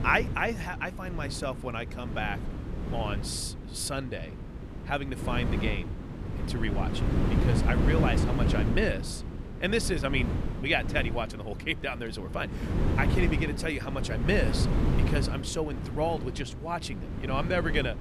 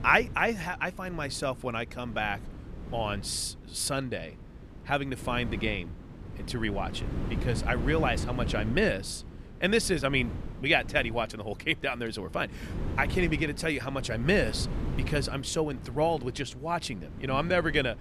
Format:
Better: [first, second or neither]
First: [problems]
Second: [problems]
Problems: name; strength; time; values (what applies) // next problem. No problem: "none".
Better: second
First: wind noise on the microphone; heavy; 7 dB below the speech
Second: wind noise on the microphone; occasional gusts; 15 dB below the speech